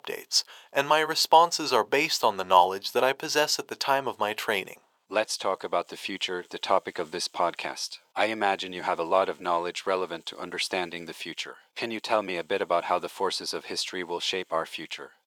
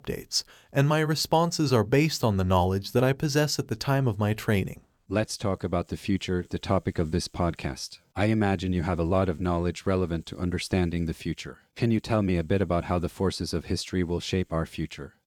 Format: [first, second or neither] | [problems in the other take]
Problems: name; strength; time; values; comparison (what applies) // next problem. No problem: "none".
second | thin; very; fading below 600 Hz